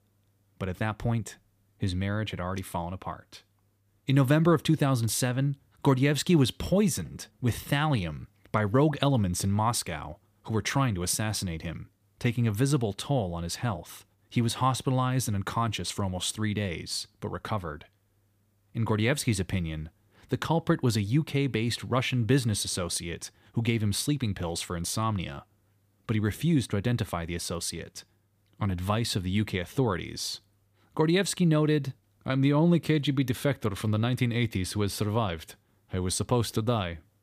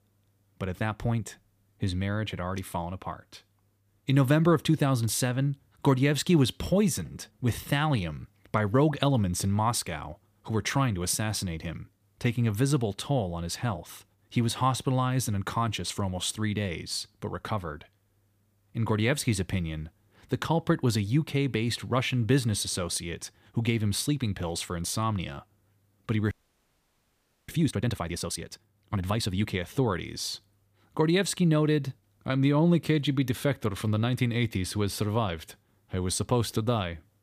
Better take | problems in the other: first | audio freezing; at 26 s for 1 s

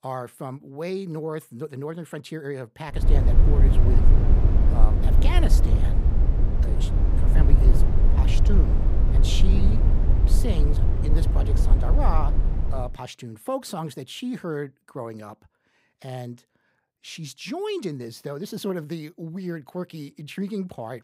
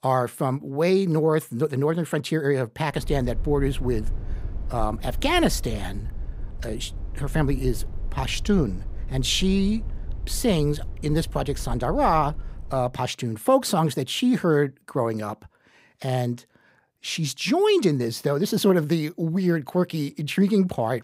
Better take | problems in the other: second | low rumble; loud; from 3 to 13 s; 2 dB below the speech; faint in the second

